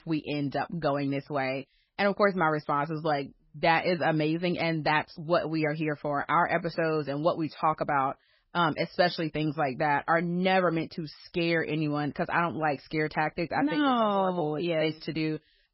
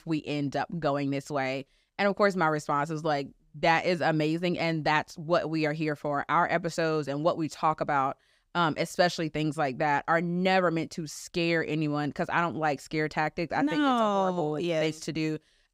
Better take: second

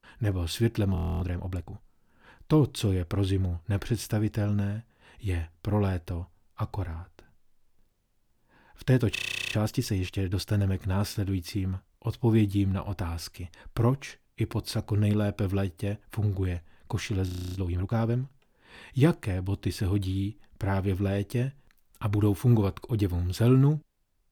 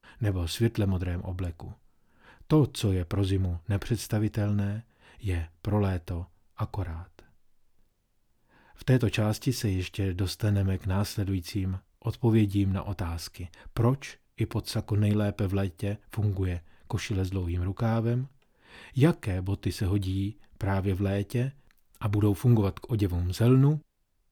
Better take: second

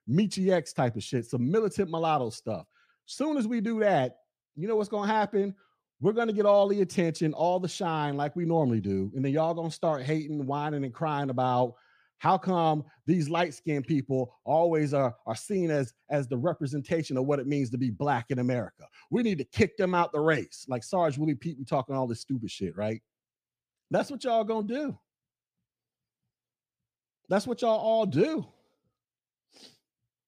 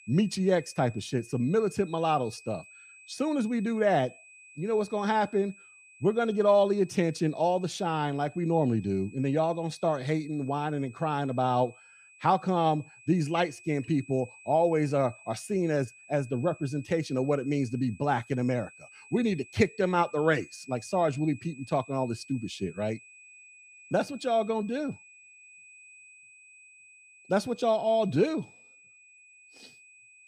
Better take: first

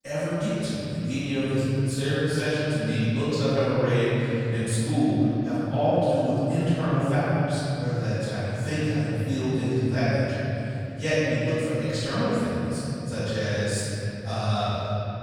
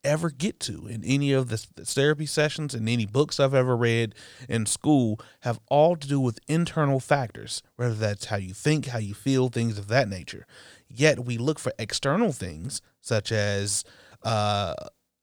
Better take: second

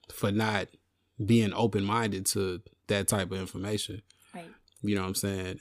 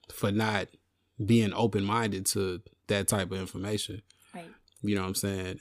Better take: neither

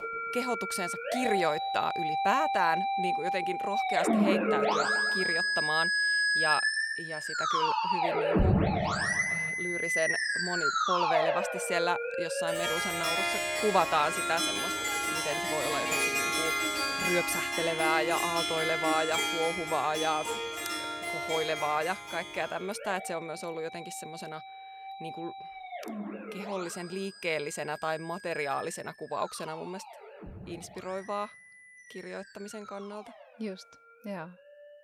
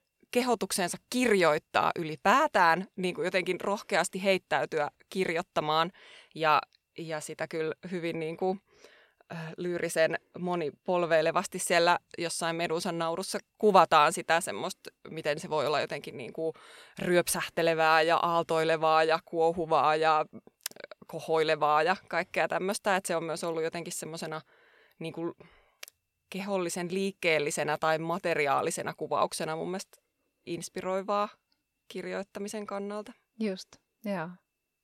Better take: second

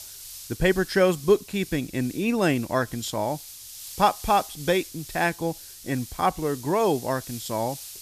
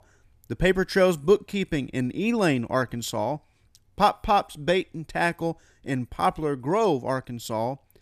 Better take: second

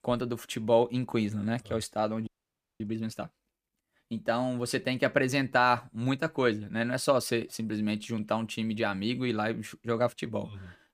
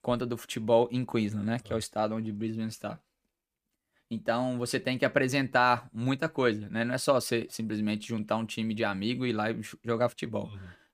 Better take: second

